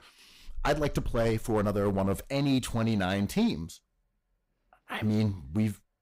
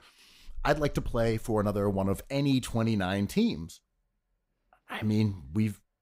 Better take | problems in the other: second | distortion; slight; 5% of the sound clipped

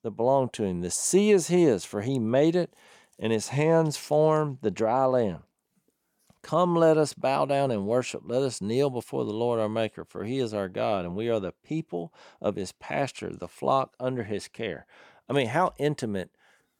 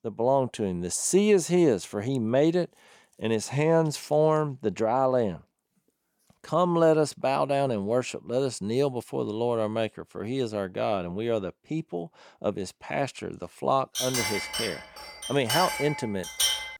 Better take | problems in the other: first | clattering dishes; loud; from 14 s on; peak 2 dB above the speech

